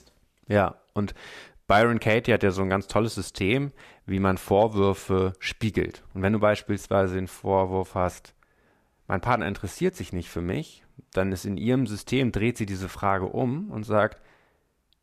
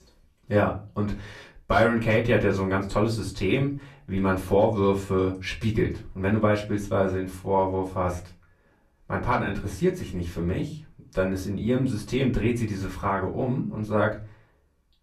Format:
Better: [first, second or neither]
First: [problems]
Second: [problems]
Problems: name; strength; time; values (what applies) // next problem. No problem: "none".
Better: first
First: none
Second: off-mic speech; far // room echo; very slight; dies away in 0.3 s